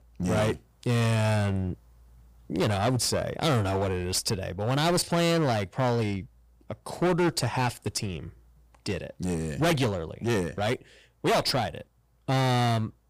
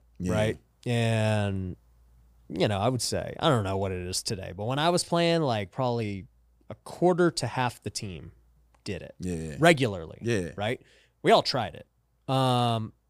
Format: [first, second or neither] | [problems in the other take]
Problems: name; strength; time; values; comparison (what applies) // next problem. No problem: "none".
second | distortion; heavy; 14% of the sound clipped